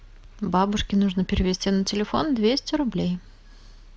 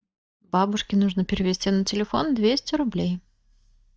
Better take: first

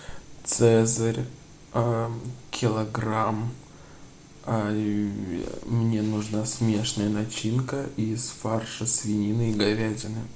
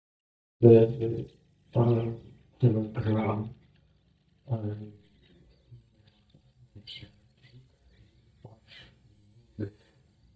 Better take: first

